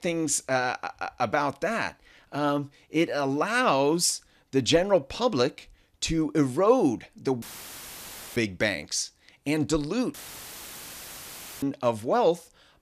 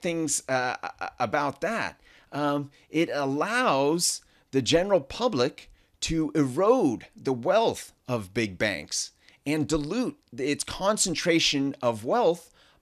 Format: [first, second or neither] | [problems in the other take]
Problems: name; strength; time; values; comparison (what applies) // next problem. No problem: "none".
second | audio cutting out; filled with static; at 7.5 s for 1 s and at 10 s for 1.5 s